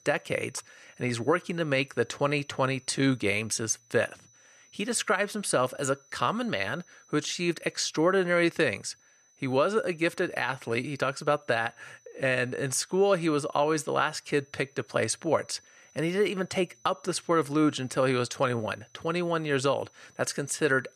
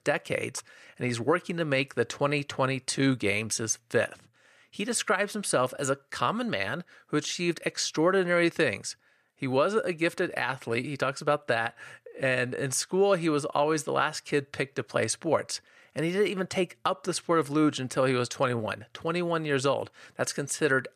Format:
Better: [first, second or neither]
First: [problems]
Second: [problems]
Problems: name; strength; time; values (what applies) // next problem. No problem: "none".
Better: second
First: high-pitched whine; faint; throughout; 6 kHz, 30 dB below the speech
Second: none